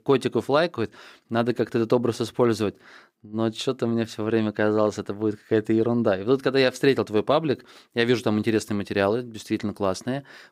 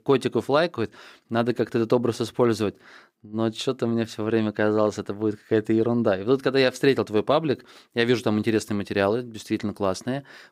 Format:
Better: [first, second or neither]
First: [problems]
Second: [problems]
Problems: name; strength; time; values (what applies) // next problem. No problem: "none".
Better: neither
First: none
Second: none